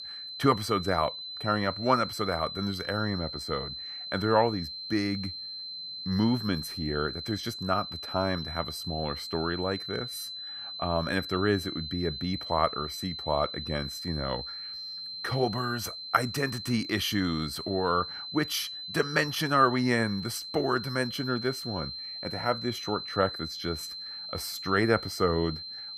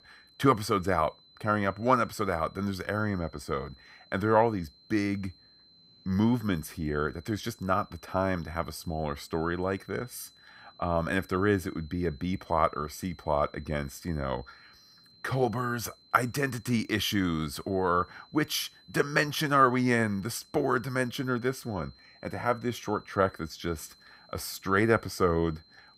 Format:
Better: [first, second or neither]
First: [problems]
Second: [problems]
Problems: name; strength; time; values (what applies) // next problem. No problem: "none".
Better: second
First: high-pitched whine; loud; throughout; 4 kHz, 7 dB below the speech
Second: high-pitched whine; faint; throughout; 4 kHz, 25 dB below the speech